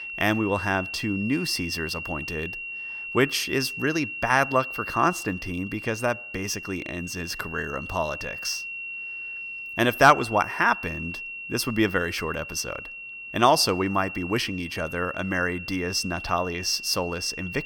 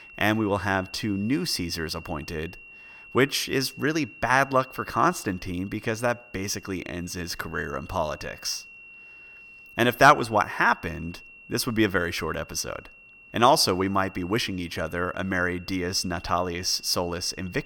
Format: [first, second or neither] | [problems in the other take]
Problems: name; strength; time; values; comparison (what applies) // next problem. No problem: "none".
second | high-pitched whine; loud; throughout; 2.5 kHz, 8 dB below the speech; faint in the second